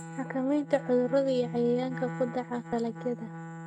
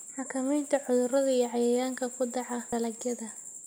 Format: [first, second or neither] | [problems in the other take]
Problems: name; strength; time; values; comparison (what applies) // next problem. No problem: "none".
second | noise reduction (neural mask model RNNoise)